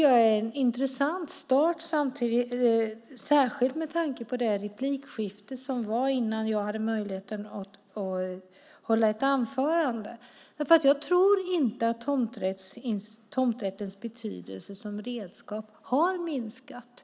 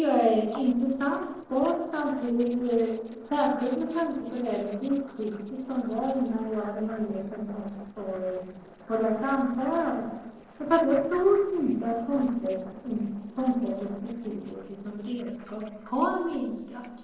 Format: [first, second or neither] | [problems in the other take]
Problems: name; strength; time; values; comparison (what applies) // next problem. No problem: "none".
first | noise reduction (neural separator model SepFormer DNS4)